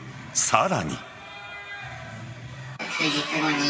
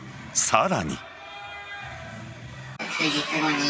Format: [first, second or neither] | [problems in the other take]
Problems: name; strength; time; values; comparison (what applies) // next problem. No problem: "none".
second | room echo; dies away in 1.2 s